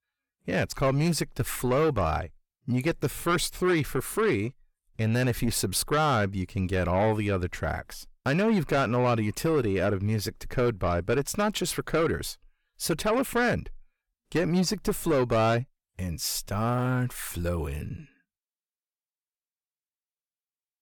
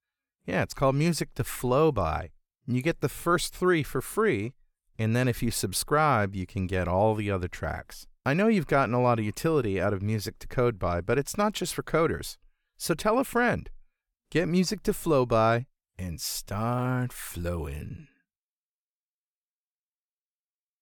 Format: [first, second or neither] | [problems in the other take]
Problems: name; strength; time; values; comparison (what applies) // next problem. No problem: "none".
second | distortion; slight; 10 dB below the speech